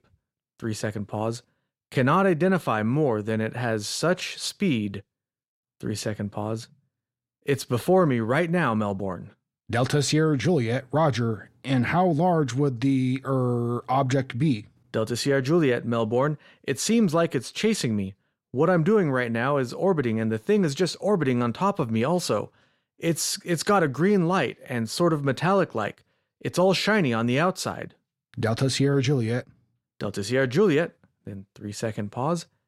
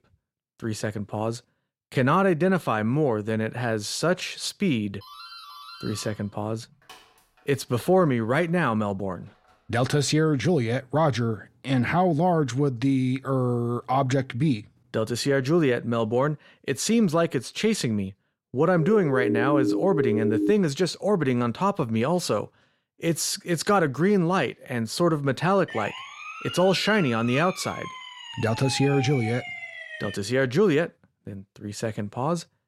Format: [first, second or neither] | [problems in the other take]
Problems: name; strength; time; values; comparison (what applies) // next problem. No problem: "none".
first | doorbell; faint; from 5 to 9.5 s; peak 15 dB below the speech // siren; loud; from 19 to 21 s; peak level with the speech // siren; noticeable; from 26 to 30 s; peak 8 dB below the speech